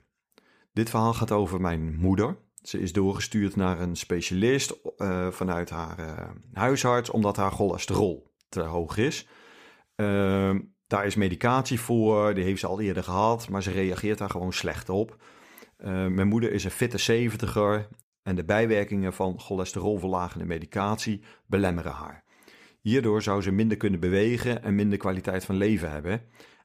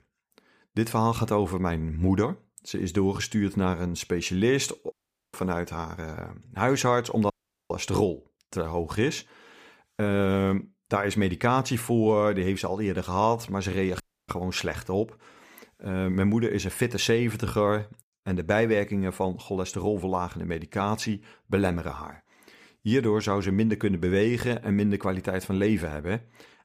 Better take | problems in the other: first | audio cutting out; at 5 s, at 7.5 s and at 14 s

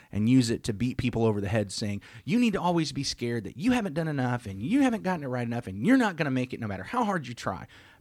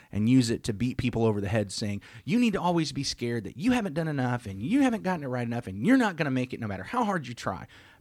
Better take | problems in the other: neither | none

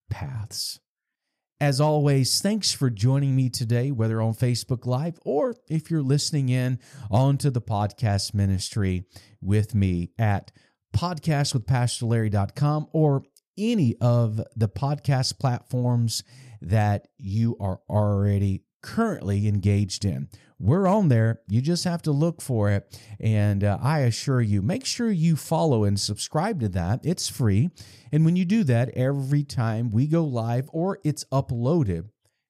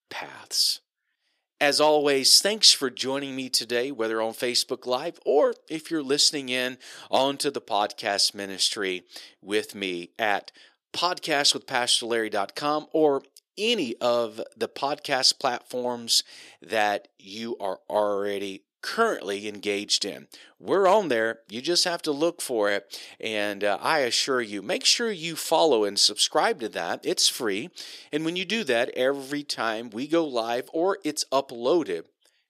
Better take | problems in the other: first | thin; very; fading below 350 Hz

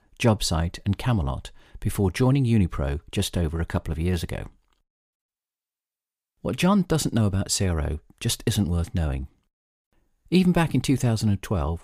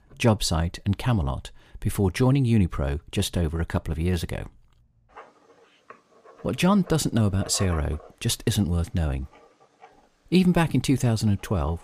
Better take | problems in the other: first | household noises; faint; throughout; 25 dB below the speech

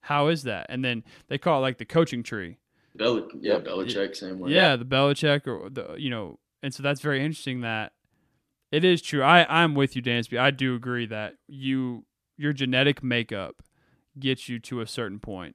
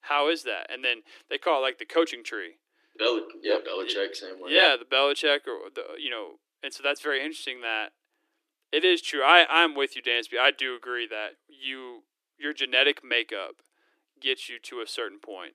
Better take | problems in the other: first | thin; very; fading below 300 Hz

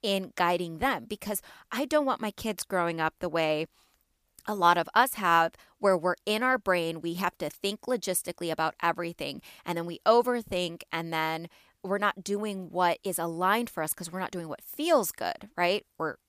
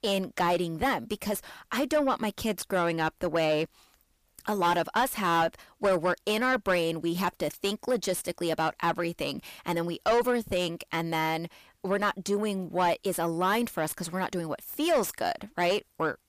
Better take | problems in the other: first | distortion; heavy; 8 dB below the speech

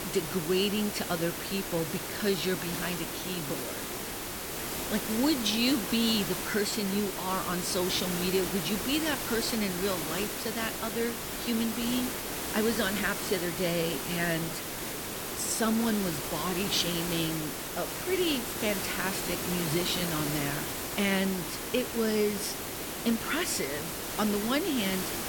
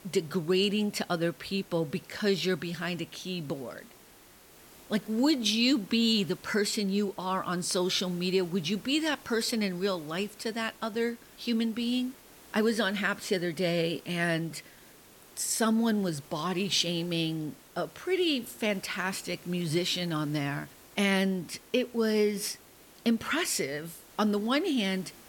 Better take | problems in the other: second | hiss; loud; throughout; 2 dB below the speech; faint in the second

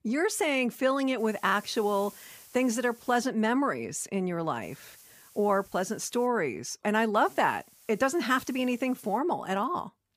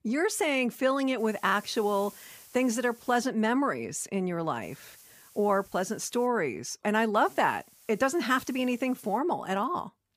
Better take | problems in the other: neither | hiss; faint; from 1 to 3 s, from 4.5 to 6.5 s and from 7 to 9 s; 25 dB below the speech; the same in both

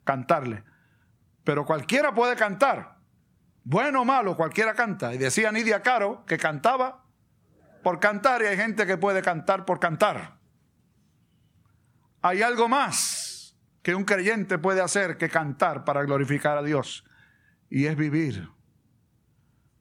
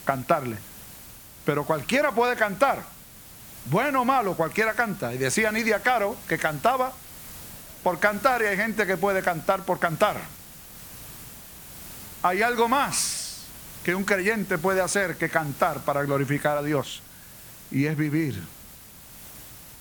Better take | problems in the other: first | hiss; noticeable; throughout; 15 dB below the speech

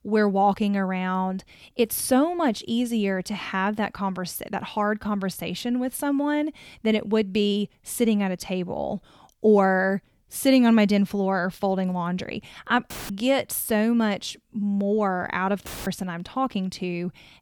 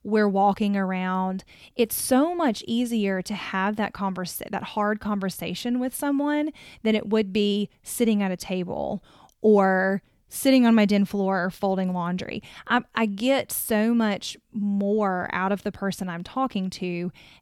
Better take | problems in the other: second | audio cutting out; filled with static; at 13 s and at 16 s

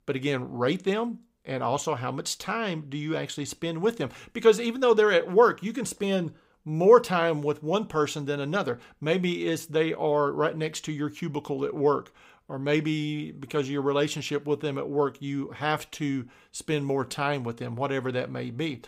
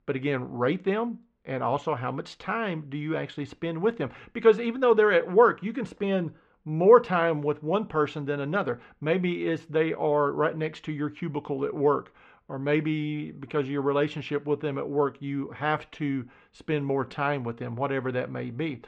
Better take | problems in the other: first | muffled; very; fading above 2 kHz

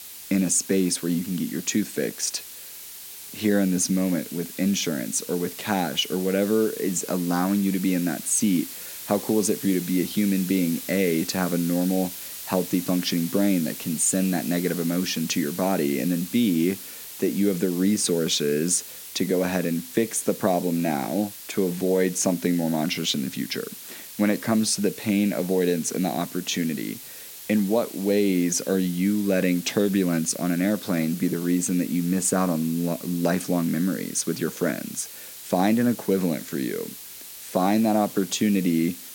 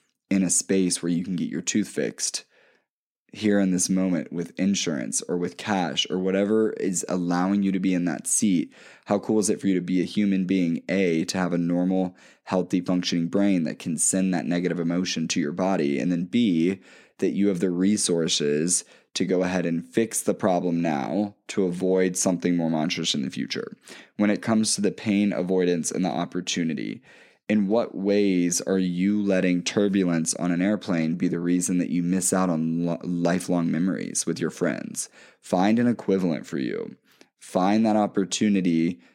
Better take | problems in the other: second | hiss; noticeable; throughout; 10 dB below the speech

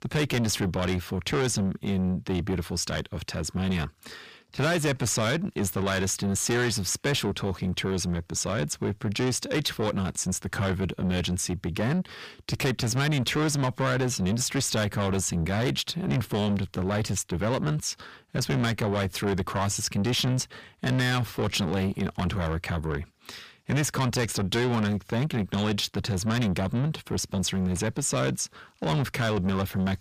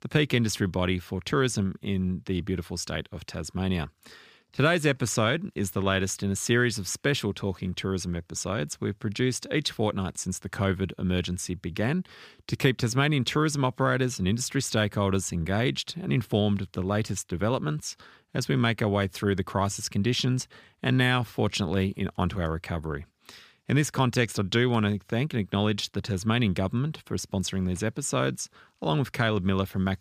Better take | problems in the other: second | distortion; heavy; 6 dB below the speech

